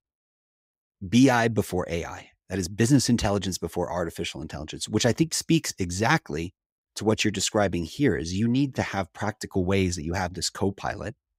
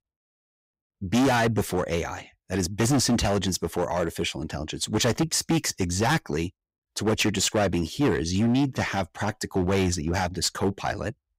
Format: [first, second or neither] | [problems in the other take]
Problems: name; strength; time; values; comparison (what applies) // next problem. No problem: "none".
first | distortion; heavy; 9% of the sound clipped